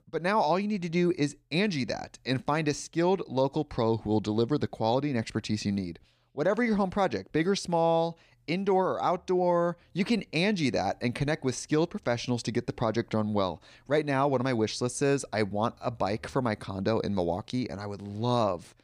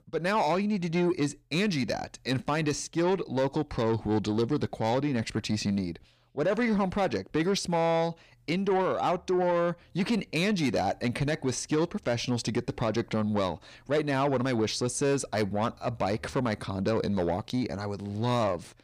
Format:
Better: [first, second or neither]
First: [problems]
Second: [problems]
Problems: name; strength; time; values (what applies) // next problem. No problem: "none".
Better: first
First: none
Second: distortion; slight; 10 dB below the speech